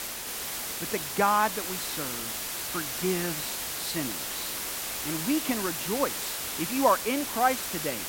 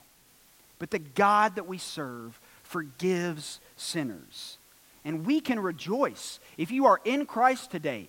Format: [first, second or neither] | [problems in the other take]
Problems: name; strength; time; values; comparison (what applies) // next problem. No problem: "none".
second | hiss; loud; throughout; 2 dB below the speech; faint in the second